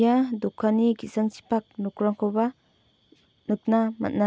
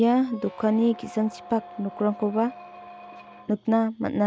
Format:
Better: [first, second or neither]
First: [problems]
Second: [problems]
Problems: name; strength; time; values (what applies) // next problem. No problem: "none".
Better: first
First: none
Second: background sound (Squeak); 18 dB below the speech